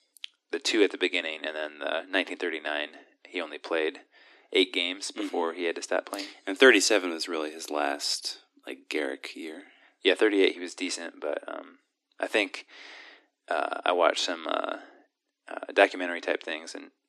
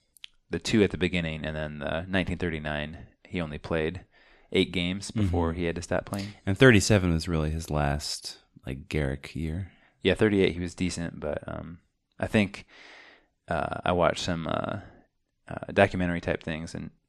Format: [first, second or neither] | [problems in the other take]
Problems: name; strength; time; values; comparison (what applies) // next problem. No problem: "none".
second | thin; somewhat; fading below 300 Hz